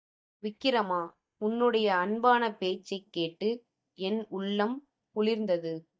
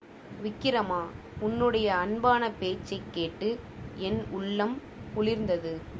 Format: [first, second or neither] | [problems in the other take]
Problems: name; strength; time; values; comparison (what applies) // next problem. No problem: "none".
second | noise reduction (neural mask model DeepFilterNet 3)